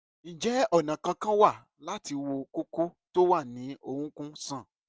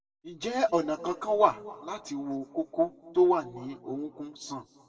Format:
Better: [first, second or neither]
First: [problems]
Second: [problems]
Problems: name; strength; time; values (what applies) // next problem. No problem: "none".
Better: first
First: none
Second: room echo; dies away in 1.9 s